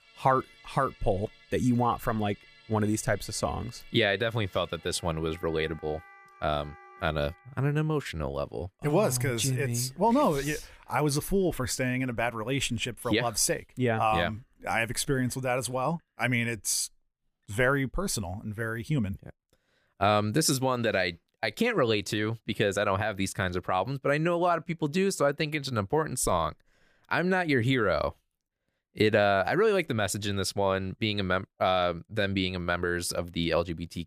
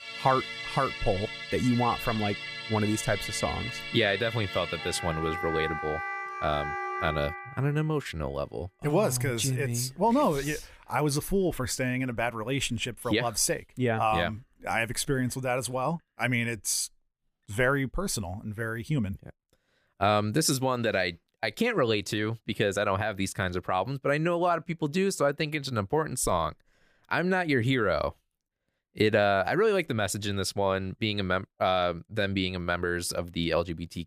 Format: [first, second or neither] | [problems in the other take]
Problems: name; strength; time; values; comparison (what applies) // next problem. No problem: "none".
first | background music; loud; until 10 s; 6 dB below the speech; faint in the first